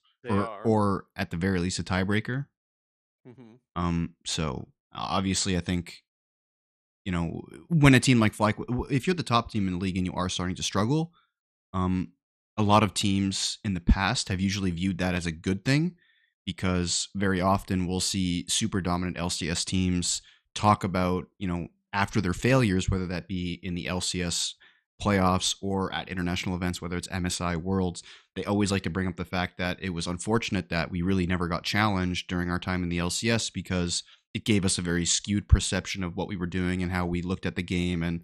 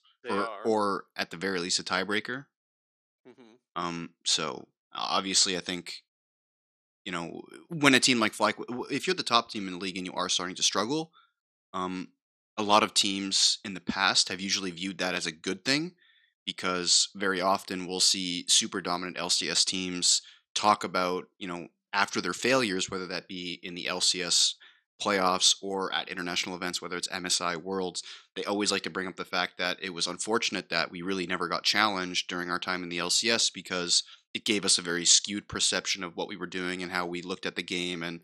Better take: first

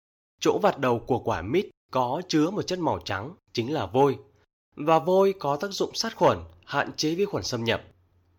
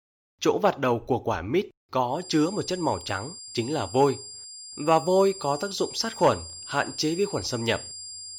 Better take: first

